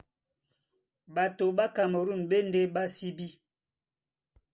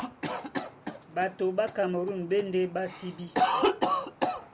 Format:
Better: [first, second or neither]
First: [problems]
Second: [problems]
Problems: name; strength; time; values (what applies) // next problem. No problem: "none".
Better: first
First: none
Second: background sound (Cough); as loud as the speech